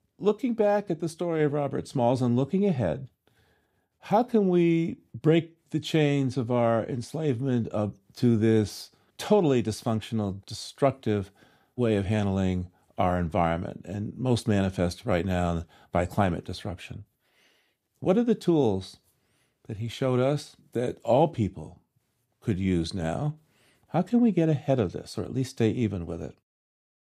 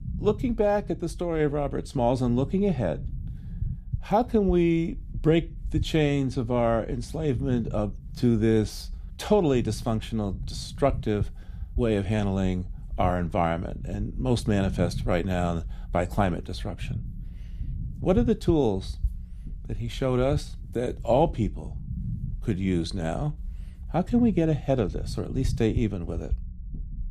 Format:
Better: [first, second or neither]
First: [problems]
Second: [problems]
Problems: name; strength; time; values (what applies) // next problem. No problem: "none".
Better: first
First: none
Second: low rumble; faint; throughout; 25 dB below the speech